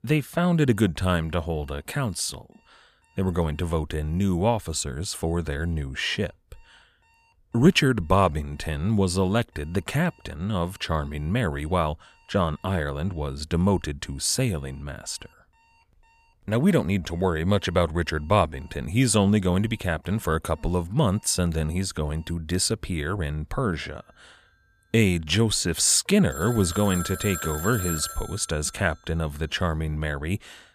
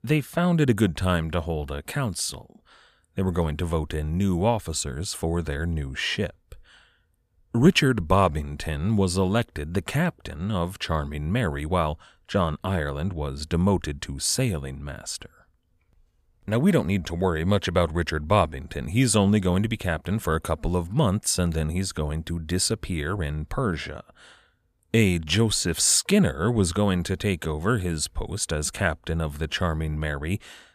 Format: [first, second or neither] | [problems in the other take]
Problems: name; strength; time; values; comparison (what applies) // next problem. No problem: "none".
second | alarms or sirens; loud; throughout; 9 dB below the speech